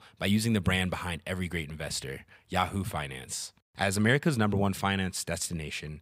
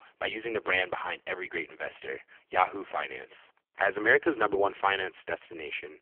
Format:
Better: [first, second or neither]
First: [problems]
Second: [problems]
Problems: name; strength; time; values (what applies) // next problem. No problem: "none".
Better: first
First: none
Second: phone-call audio; poor line; nothing above 3.5 kHz